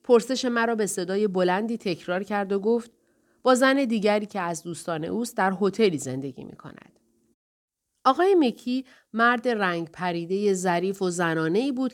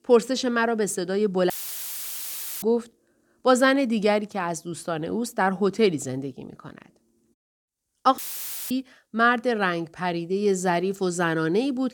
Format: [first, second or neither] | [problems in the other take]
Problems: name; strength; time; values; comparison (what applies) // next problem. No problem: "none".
first | audio cutting out; filled with static; at 1.5 s for 1 s and at 8 s for 0.5 s